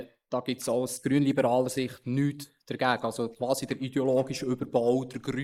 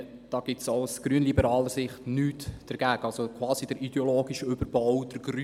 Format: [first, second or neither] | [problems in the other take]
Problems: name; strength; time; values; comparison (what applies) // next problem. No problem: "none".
second | noise reduction (neural mask model Resemble Enhance denoiser)